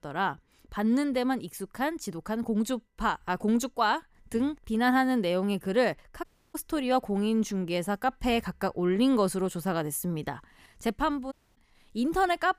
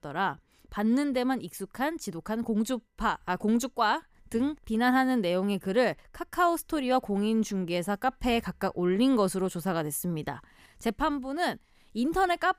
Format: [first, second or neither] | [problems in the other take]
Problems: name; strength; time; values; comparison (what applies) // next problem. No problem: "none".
second | audio cutting out; at 6 s and at 11 s